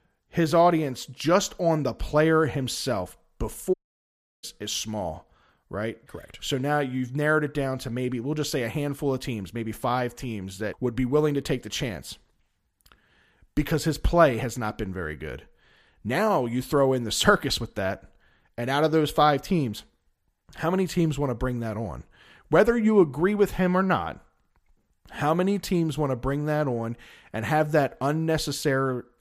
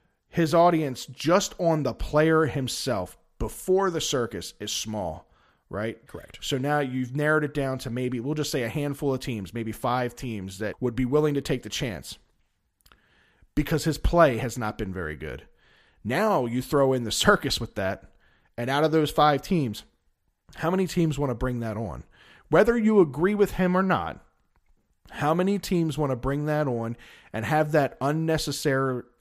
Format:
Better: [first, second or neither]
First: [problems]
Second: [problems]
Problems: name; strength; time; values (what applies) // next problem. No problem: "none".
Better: second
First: audio cutting out; at 3.5 s for 0.5 s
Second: none